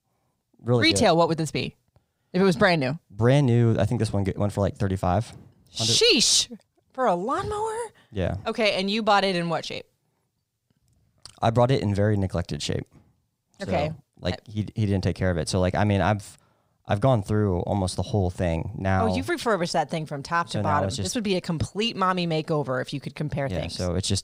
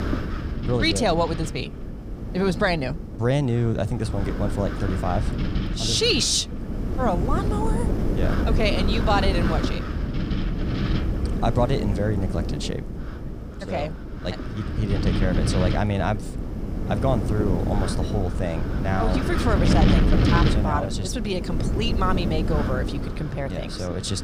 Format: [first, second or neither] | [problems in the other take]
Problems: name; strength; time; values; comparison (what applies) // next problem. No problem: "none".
first | wind noise on the microphone; heavy; 6 dB below the speech